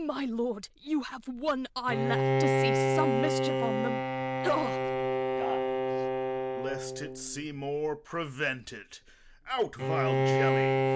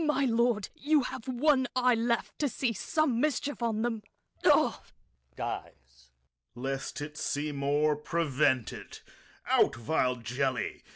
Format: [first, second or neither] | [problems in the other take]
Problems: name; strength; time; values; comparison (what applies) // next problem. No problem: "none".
second | background sound (Bowed string instrument); 4 dB above the speech